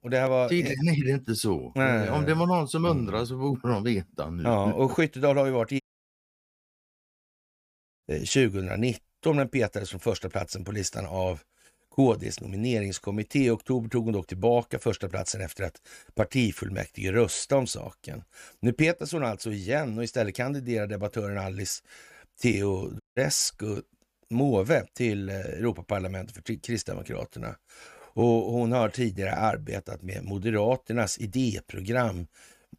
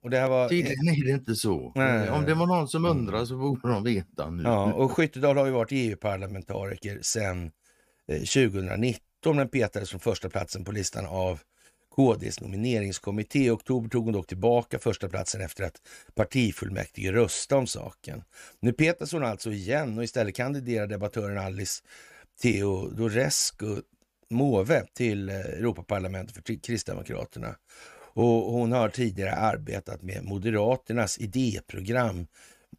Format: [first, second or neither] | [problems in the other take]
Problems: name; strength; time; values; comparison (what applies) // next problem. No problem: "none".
second | audio cutting out; at 6 s for 2 s and at 23 s